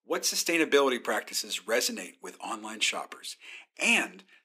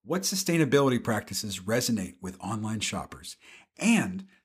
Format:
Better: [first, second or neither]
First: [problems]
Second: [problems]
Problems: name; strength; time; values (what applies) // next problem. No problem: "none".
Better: second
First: thin; somewhat; fading below 300 Hz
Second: none